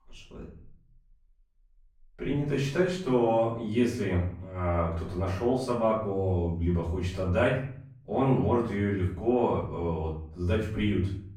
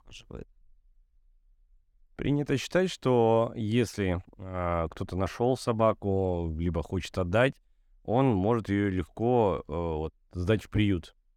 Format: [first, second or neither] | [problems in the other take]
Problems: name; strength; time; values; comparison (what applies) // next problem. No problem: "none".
second | off-mic speech; far // room echo; noticeable; dies away in 0.5 s